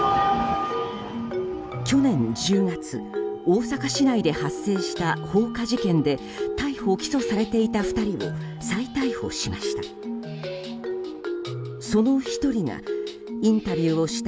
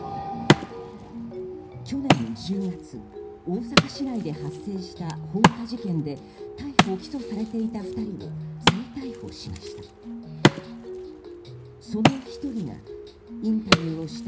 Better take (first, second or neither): first